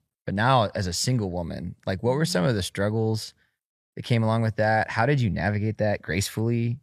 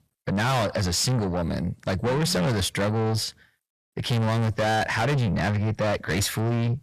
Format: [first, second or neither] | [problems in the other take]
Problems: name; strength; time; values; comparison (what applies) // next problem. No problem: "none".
first | distortion; heavy; 6 dB below the speech